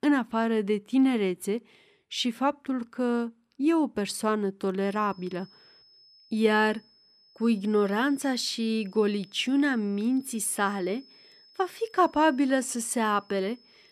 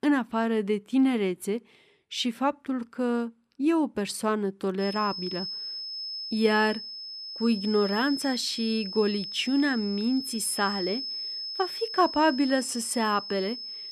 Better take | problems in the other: first | high-pitched whine; loud; from 5 s on; 5 kHz, 7 dB below the speech; faint in the first

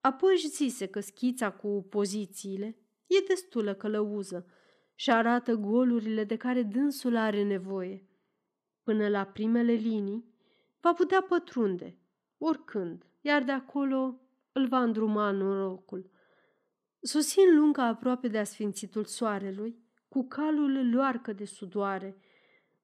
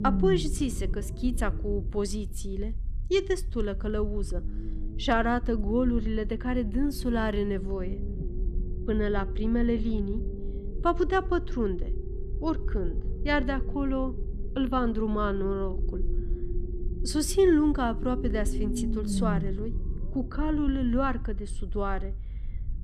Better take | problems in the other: first | low rumble; noticeable; throughout; 15 dB below the speech

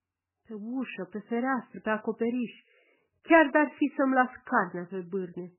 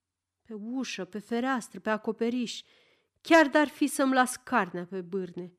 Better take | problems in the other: second | garbled, watery; badly; nothing above 3 kHz

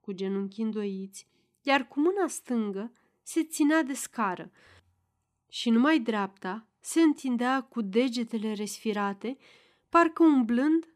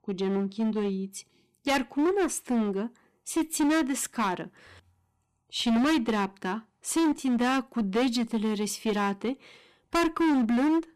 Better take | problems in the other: first | distortion; heavy; 15% of the sound clipped

